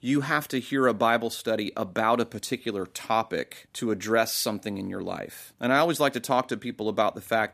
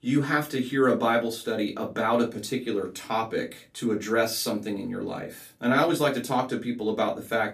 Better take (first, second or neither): first